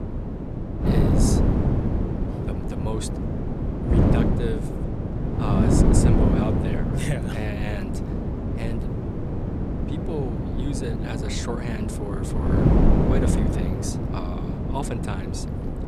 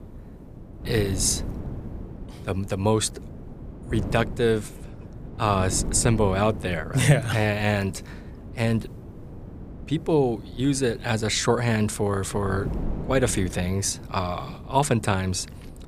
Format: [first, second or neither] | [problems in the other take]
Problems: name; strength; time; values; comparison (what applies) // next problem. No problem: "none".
second | wind noise on the microphone; heavy; 4 dB above the speech; occasional gusts in the second